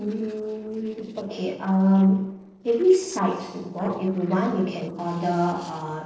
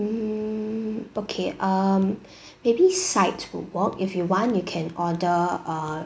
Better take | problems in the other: second | noise reduction (neural separator model SepFormer DNS4)

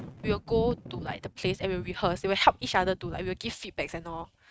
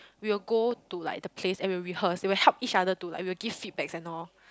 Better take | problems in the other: second | noise reduction (neural mask model RNNoise)

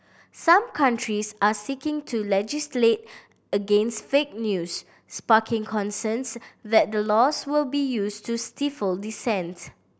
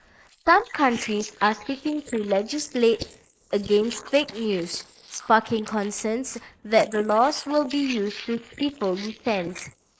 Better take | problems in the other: first | noise reduction (neural mask model Resemble Enhance denoiser)

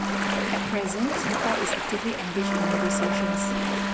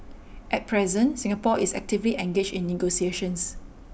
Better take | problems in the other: second | background sound (Ocean + Wind instrument, woodwind instrument); 5 dB above the speech

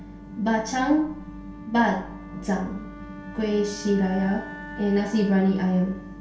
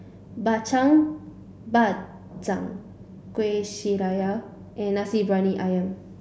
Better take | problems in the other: second | background sound (Wind instrument, woodwind instrument); 16 dB below the speech // room echo; dies away in 0.3 s

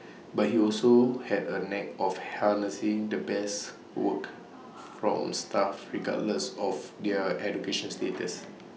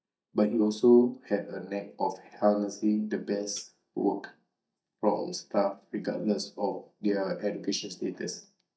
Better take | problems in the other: first | noise reduction (neural mask model DeepFilterNet 3)

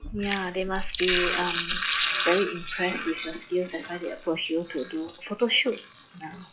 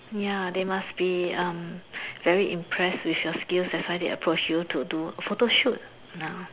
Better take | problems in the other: second | noise reduction (classical method log-MMSE)

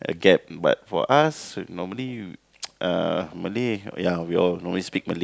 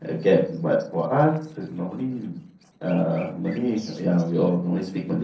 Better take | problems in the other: first | noise reduction (neural separator model SepFormer DNS4)

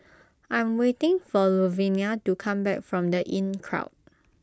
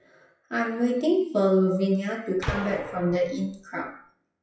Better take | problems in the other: first | noise reduction (classical method WPE with log-MMSE)

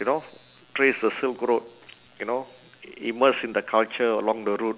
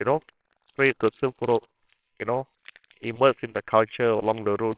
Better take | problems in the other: first | noise reduction (neural separator model SepFormer WHAMR!)

